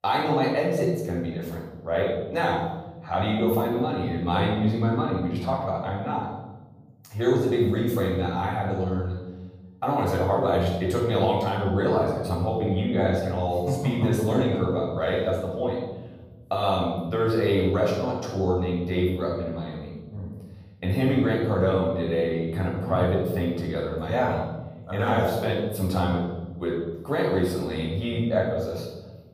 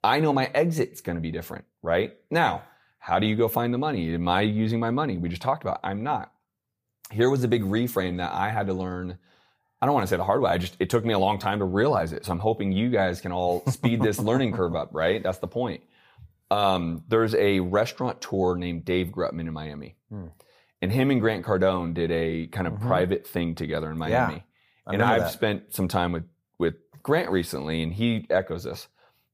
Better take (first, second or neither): second